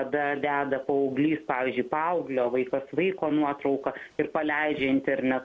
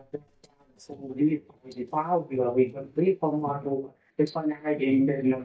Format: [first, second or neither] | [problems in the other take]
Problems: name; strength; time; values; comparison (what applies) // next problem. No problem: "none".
first | noise reduction (neural mask model DeepFilterNet 3)